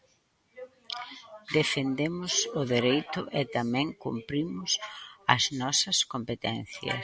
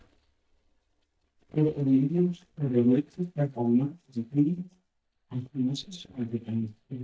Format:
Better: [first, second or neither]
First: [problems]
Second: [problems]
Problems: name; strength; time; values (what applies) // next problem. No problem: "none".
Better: first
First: none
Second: noise reduction (neural mask model DeepFilterNet 3)